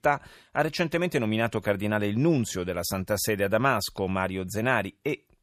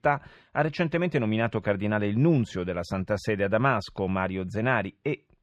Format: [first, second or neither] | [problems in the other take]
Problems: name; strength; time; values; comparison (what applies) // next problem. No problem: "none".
first | muffled; slightly; fading above 3 kHz